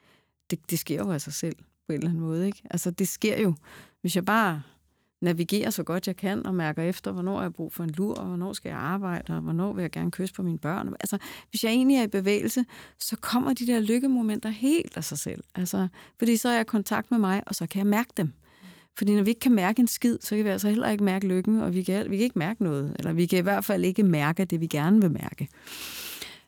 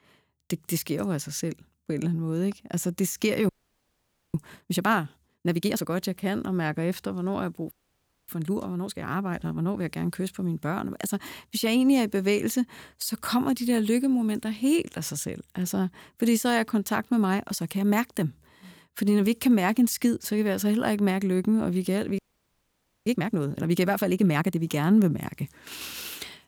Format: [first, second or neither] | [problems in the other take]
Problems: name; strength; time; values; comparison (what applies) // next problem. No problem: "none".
first | audio freezing; at 3.5 s for 1 s, at 7.5 s for 0.5 s and at 22 s for 1 s